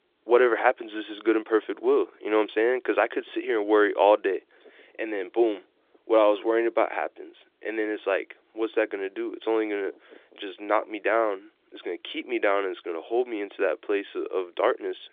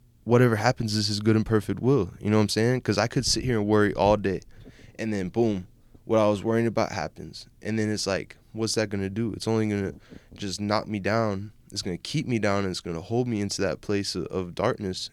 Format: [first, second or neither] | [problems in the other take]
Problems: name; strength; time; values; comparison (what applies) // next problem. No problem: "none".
second | phone-call audio